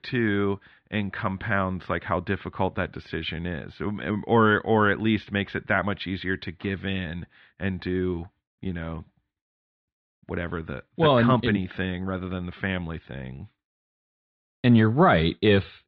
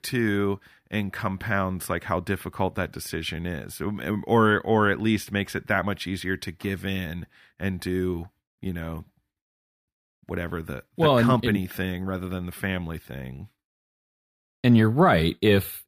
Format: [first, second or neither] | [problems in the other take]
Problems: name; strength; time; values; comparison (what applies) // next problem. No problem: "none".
second | muffled; slightly; fading above 4 kHz